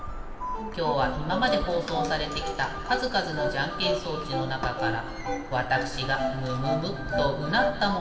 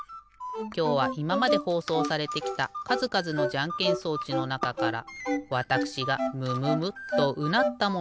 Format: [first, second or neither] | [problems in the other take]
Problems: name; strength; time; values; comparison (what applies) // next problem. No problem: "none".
second | background sound (Bird vocalization, bird call, bird song); 9 dB below the speech // room echo; dies away in 2.4 s